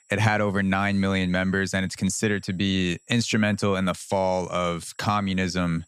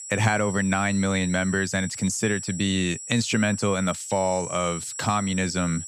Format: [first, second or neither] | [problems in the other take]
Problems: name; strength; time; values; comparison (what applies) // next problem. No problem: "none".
first | high-pitched whine; loud; throughout; 7.5 kHz, 9 dB below the speech; faint in the first